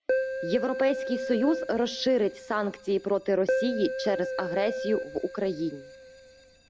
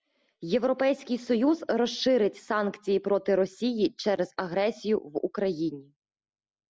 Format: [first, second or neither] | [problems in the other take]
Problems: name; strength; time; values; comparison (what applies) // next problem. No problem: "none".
second | background sound (Keyboard (musical)); 5 dB below the speech